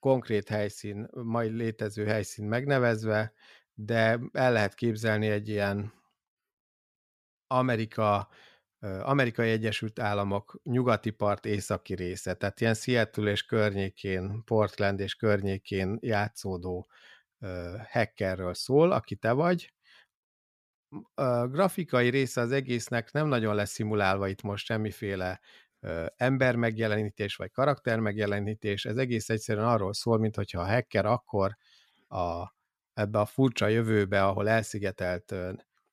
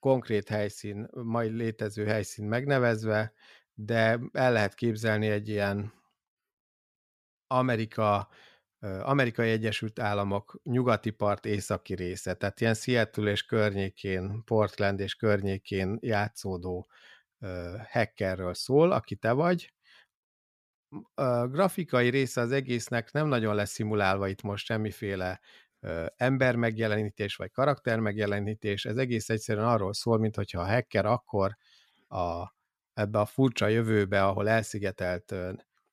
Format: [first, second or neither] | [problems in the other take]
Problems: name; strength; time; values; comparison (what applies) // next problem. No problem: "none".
neither | none